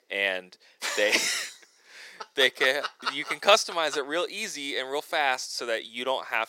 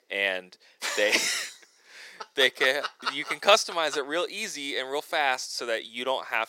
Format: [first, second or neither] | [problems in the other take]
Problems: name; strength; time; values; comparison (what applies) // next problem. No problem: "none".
neither | thin; very; fading below 450 Hz; the same in both